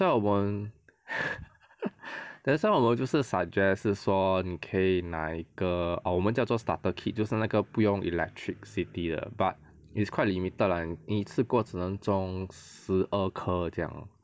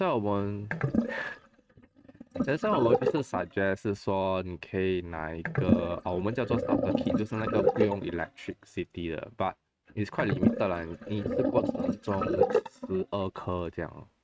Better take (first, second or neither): first